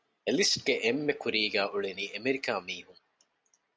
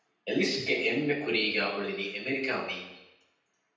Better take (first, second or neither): first